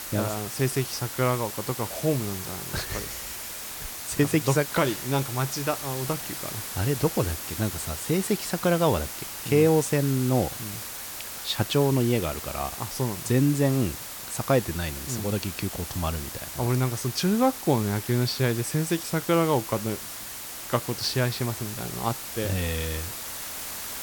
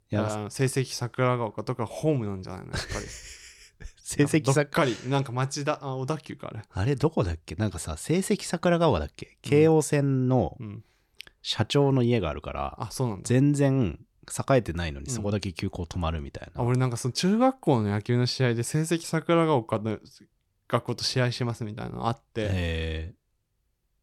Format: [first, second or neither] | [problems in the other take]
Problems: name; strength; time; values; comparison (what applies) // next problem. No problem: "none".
second | hiss; loud; throughout; 7 dB below the speech